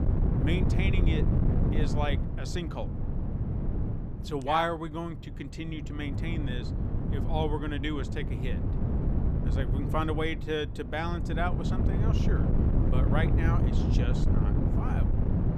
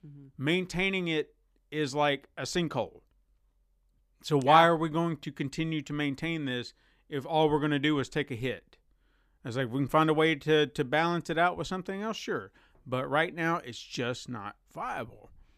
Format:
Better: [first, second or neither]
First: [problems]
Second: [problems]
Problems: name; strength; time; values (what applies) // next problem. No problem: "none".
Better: second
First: wind noise on the microphone; heavy; 5 dB below the speech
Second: none